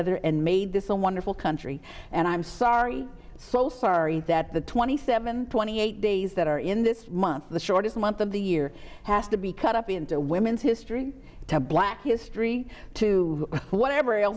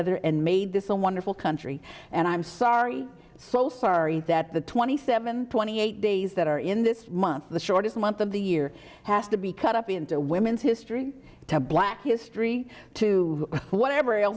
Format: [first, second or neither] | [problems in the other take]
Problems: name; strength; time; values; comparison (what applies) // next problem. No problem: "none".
second | background sound (Wind); 18 dB below the speech